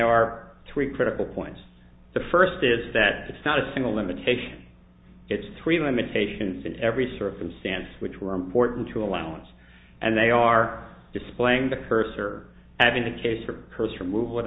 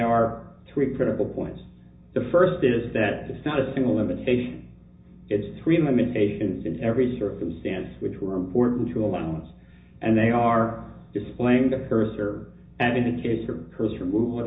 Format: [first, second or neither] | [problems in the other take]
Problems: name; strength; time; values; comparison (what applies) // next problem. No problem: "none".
first | room echo; dies away in 0.4 s